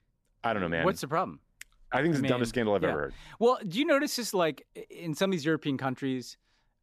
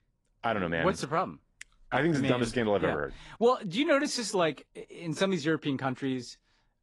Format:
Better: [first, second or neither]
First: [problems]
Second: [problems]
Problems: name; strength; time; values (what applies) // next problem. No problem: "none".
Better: first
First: none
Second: garbled, watery; slightly; nothing above 10.5 kHz